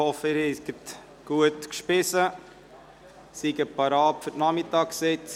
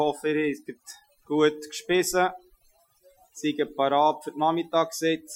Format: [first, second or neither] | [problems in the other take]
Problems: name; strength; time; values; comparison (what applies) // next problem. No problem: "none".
first | noise reduction (classical method Wiener filter)